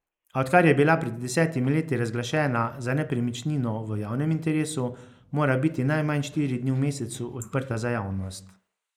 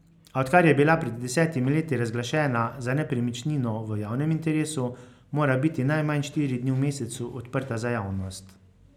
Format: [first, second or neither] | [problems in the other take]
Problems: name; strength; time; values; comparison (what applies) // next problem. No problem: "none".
second | noise reduction (neural mask model Resemble Enhance denoiser)